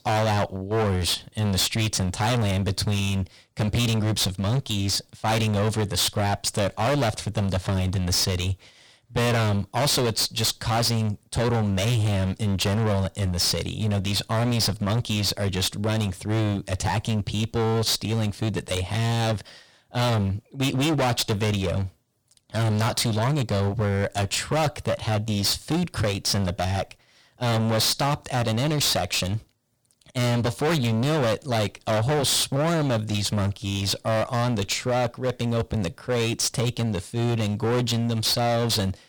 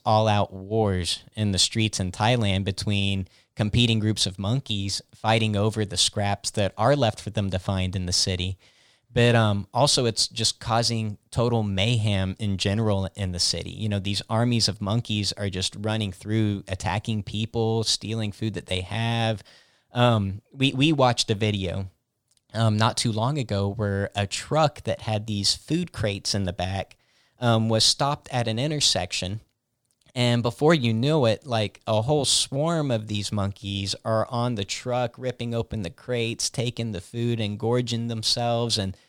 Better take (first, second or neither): second